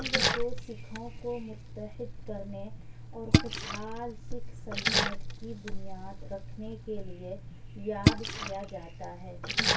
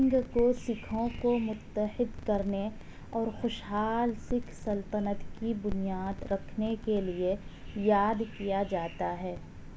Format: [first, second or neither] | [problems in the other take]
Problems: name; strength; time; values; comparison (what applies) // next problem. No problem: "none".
second | background sound (Splash, splatter); 3 dB above the speech // room echo; dies away in 0.2 s